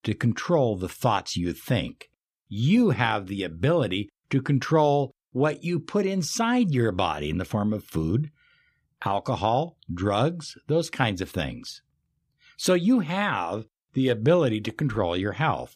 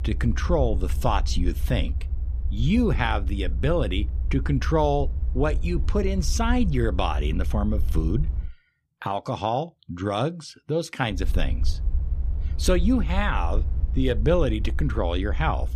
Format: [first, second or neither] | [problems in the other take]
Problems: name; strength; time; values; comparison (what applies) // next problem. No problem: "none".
first | low rumble; noticeable; until 8.5 s and from 11 s on; 20 dB below the speech